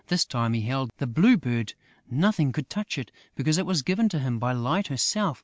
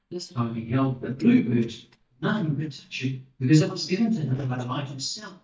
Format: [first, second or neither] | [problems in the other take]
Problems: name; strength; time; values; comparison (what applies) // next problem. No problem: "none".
first | noise reduction (neural mask model DeepFilterNet 3)